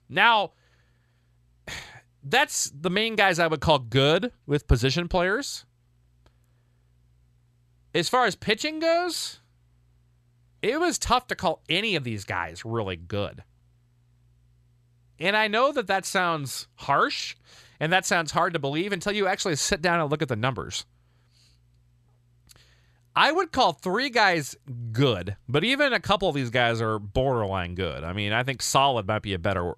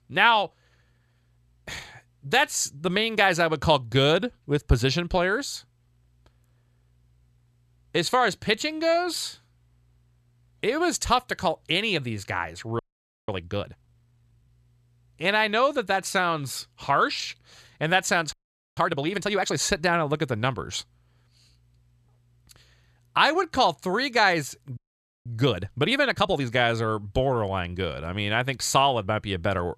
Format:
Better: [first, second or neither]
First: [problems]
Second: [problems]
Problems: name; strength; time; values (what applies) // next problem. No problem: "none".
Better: first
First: none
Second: audio freezing; at 13 s, at 18 s and at 25 s